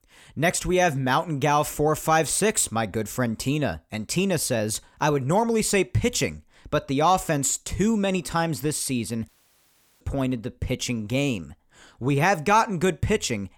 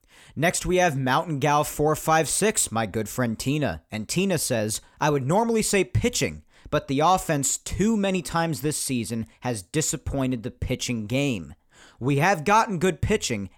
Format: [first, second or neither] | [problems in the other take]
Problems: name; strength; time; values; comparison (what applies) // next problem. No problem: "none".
second | audio cutting out; at 9.5 s for 0.5 s